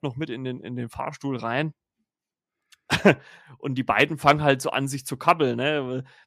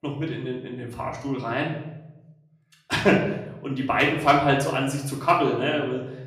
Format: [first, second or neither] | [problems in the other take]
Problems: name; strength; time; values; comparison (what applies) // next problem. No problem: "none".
first | room echo; noticeable; dies away in 0.8 s // off-mic speech; far